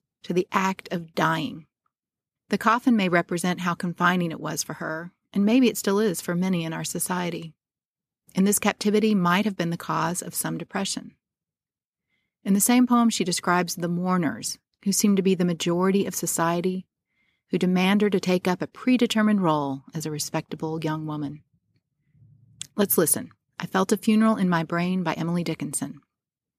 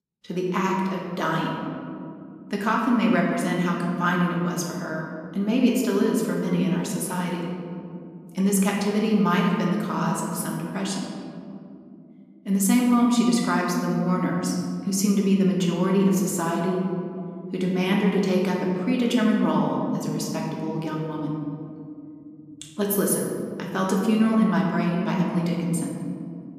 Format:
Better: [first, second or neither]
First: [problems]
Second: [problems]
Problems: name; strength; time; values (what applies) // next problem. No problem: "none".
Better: first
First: none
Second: room echo; noticeable; dies away in 2.6 s // off-mic speech; somewhat distant